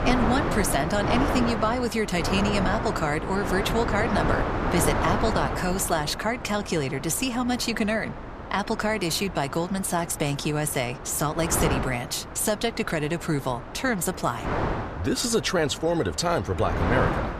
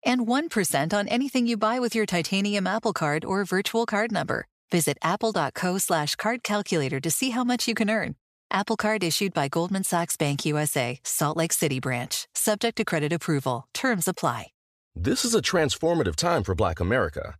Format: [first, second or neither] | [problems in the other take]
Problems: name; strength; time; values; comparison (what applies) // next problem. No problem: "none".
second | wind noise on the microphone; heavy; 4 dB below the speech